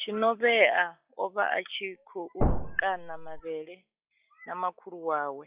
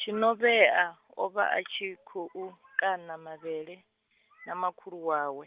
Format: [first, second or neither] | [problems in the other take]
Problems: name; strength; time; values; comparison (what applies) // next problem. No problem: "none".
second | noise reduction (classical method log-MMSE)